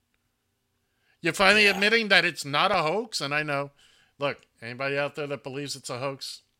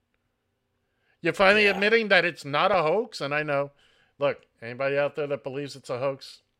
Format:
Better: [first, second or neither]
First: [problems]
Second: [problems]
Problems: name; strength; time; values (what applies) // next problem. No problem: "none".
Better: first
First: none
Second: muffled; slightly; fading above 4 kHz